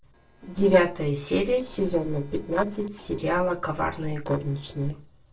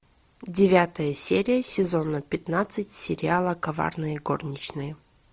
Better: second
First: noise reduction (neural separator model SepFormer DNS4)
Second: none

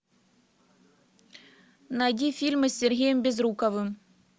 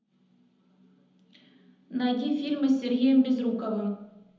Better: first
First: none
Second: room echo; dies away in 0.8 s

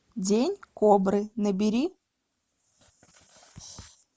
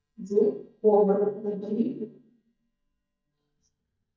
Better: first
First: none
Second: noise reduction (neural mask model DeepFilterNet 3)

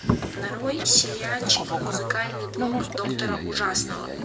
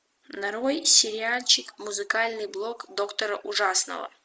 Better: second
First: background sound (Boat, Water vehicle); 2 dB below the speech // room echo; dies away in 1.1 s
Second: none

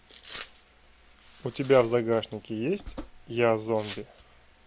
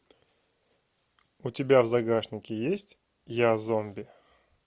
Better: second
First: background sound (Domestic sounds, home sounds); 18 dB below the speech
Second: none

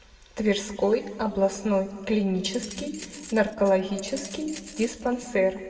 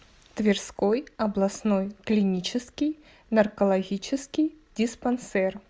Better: second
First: background sound (Keys jangling); 17 dB below the speech // room echo; dies away in 1.9 s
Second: none

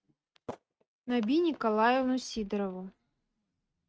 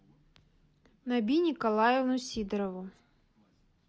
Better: second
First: noise reduction (neural mask model RNNoise)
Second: none

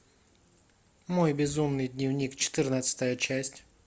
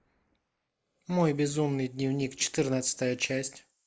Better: first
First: none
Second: noise reduction (neural mask model Resemble Enhance denoiser)

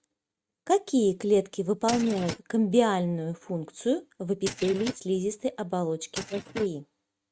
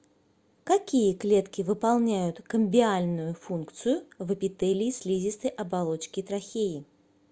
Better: second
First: noise reduction (neural mask model RNNoise)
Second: none

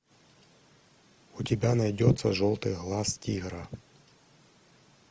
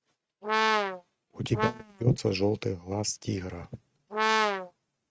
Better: first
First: none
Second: noise reduction (neural mask model RNNoise)

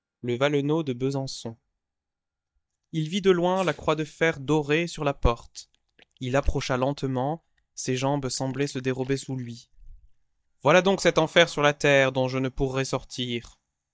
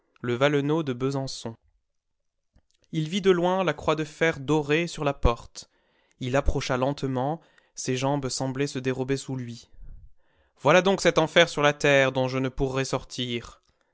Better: second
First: noise reduction (neural mask model DeepFilterNet 3)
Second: none

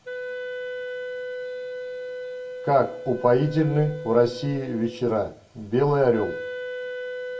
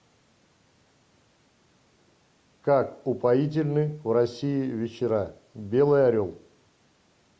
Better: second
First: background sound (Wind instrument, woodwind instrument); 9 dB below the speech // room echo; dies away in 0.2 s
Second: none

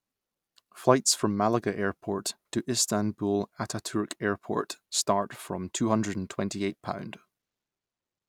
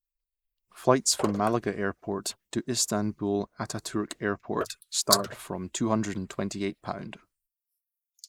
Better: first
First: none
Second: noise reduction (neural mask model Resemble Enhance denoiser)

